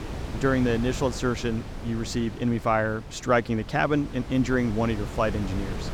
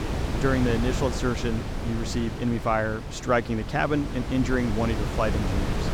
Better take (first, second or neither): first